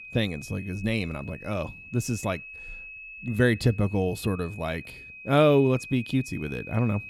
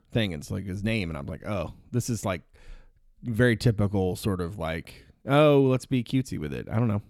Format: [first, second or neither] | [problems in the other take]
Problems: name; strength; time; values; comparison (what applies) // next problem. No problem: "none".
second | high-pitched whine; noticeable; throughout; 2.5 kHz, 15 dB below the speech